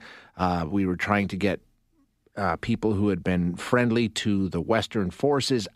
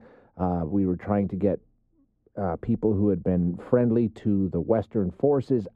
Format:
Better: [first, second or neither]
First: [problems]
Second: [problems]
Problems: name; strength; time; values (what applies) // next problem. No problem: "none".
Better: first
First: none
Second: muffled; very; fading above 1.5 kHz